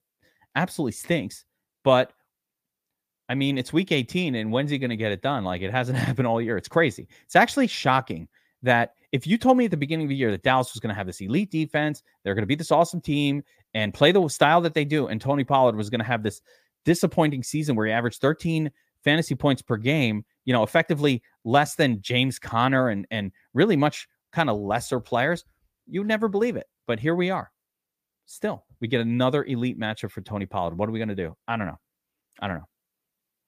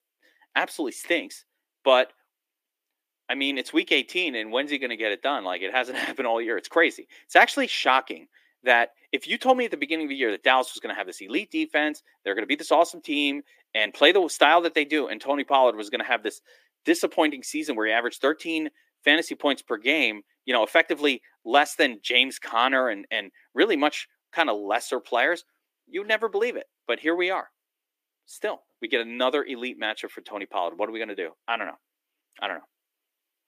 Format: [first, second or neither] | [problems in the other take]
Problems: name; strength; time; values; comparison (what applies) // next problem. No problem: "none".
first | thin; somewhat; fading below 300 Hz